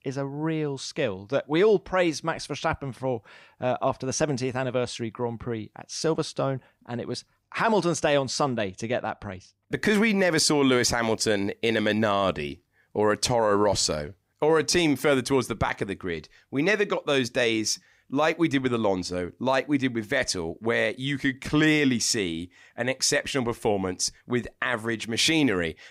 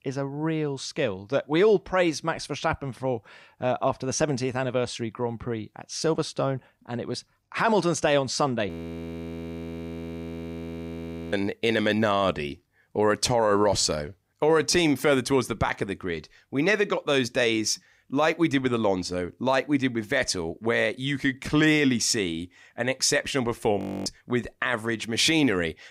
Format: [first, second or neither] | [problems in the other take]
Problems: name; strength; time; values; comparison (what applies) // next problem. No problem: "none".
first | audio freezing; at 8.5 s for 2.5 s and at 24 s